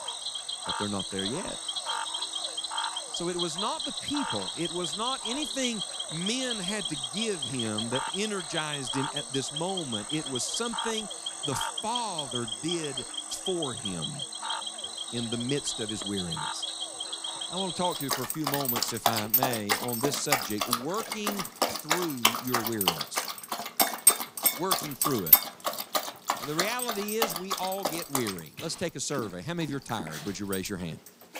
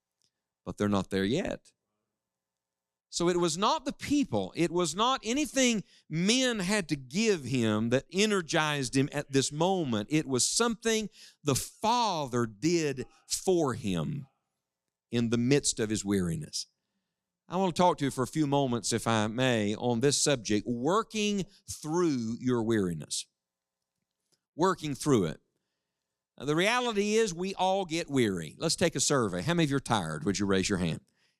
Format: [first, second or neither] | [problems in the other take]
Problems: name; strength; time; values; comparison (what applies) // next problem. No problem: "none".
second | animal sounds; very loud; throughout; 4 dB above the speech